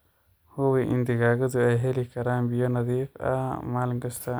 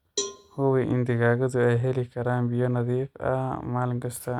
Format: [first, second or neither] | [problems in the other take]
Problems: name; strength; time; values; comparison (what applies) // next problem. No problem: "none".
first | noise reduction (neural mask model RNNoise)